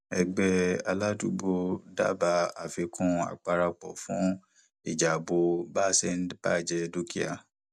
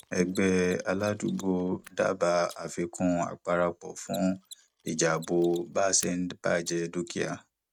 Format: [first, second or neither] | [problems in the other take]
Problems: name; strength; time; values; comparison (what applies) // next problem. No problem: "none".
first | noise reduction (neural mask model RNNoise)